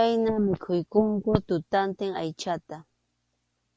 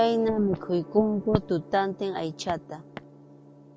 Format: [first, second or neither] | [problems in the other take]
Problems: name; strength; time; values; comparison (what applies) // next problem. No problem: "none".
first | background sound (Walk, footsteps + Gong); 17 dB below the speech